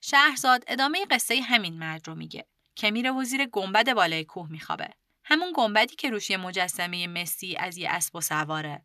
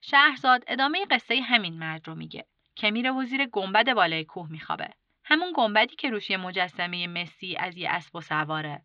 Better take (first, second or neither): first